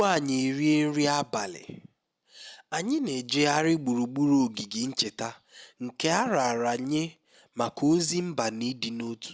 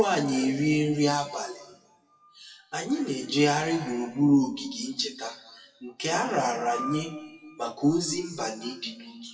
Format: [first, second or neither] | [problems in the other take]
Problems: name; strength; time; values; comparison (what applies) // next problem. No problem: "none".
first | noise reduction (classical method WPE with log-MMSE)